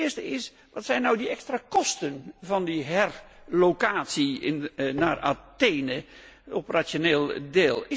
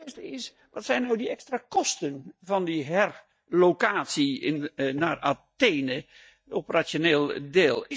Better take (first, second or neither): first